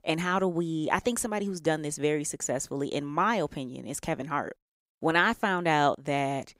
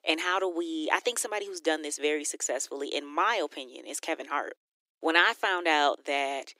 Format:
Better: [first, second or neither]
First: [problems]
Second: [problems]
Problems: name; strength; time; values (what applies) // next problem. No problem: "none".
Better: first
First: none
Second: thin; somewhat; fading below 300 Hz